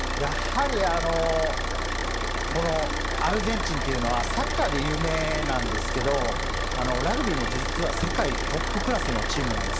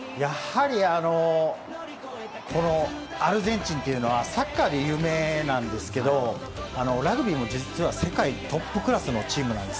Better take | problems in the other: second | background sound (Idling / Car); 1 dB above the speech

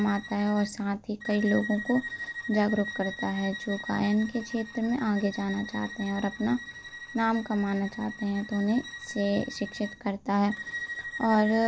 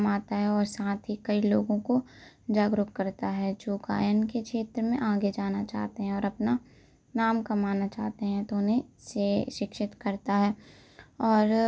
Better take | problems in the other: second | background sound (Bowed string instrument); 11 dB below the speech

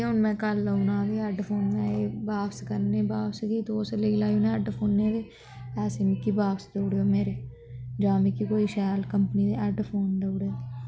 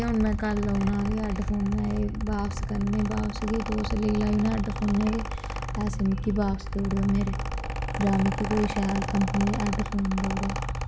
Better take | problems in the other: first | background sound (Mechanical fan); 4 dB below the speech

